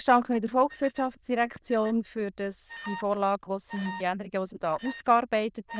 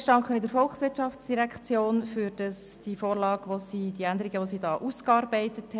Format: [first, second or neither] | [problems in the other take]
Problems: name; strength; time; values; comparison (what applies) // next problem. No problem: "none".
second | noise reduction (neural diffusion model UNIVERSE++)